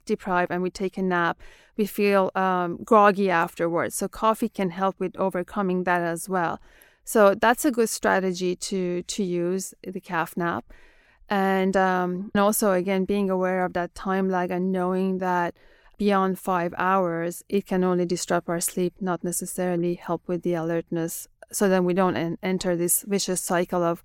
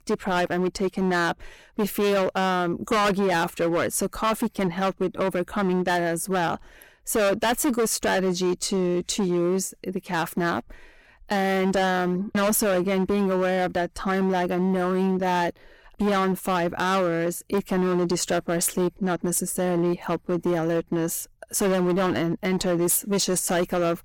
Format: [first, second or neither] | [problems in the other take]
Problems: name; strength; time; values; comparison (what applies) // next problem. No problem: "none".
first | distortion; heavy; 16% of the sound clipped